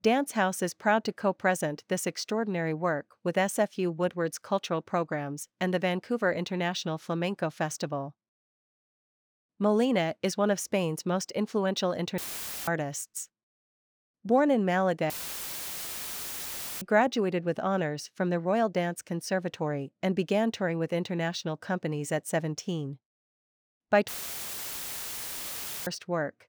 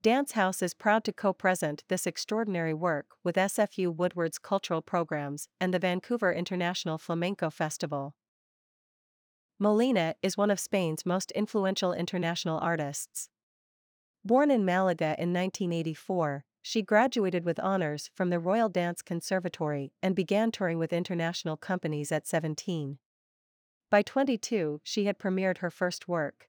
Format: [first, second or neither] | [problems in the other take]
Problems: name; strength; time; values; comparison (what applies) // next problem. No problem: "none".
second | audio cutting out; filled with static; at 12 s, at 15 s for 1.5 s and at 24 s for 2 s